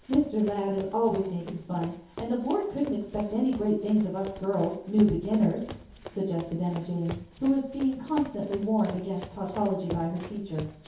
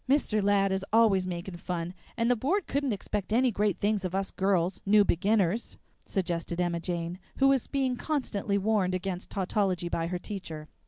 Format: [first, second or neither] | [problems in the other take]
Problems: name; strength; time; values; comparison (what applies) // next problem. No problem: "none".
second | background sound (Run); 16 dB below the speech // room echo; dies away in 0.6 s